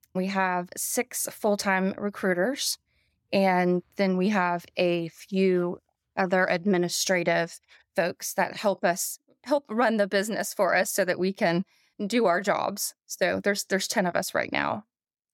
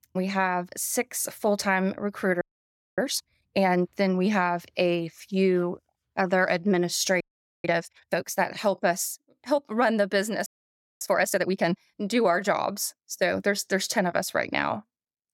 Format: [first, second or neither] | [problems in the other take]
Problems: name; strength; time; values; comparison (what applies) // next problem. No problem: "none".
first | audio freezing; at 2.5 s for 0.5 s, at 7 s and at 10 s for 0.5 s